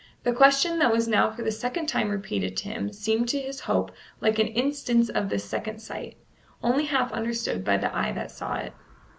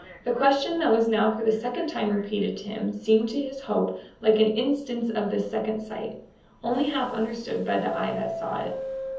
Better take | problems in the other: first | background sound (Subway, metro, underground); 14 dB below the speech // room echo; dies away in 0.7 s

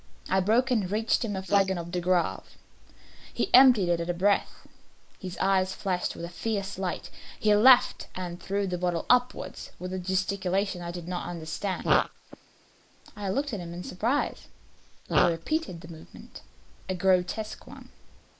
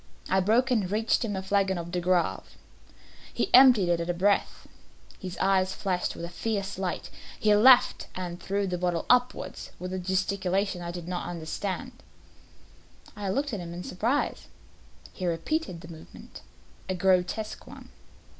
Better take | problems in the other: second | noise reduction (neural mask model Resemble Enhance denoiser)

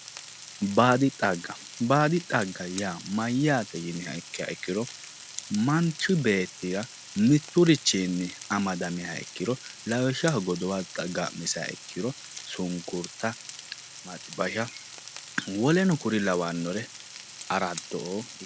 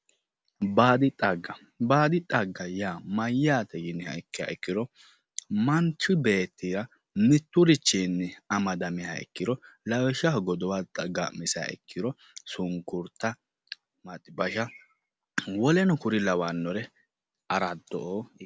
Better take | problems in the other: second | background sound (Frying (food)); 15 dB below the speech

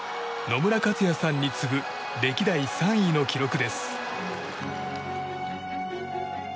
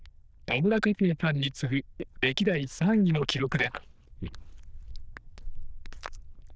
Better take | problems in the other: first | noise reduction (neural diffusion model UNIVERSE++)

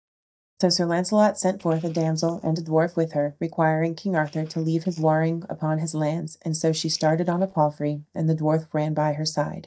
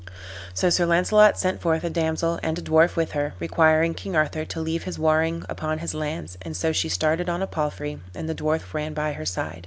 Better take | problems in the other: second | noise reduction (neural mask model DeepFilterNet 3)

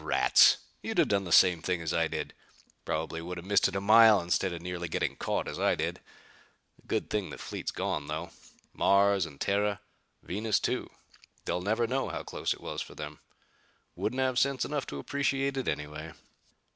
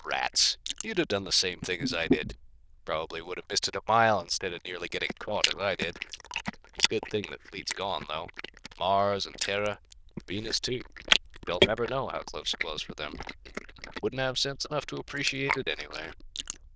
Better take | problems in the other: first | noise reduction (neural diffusion model UNIVERSE++)

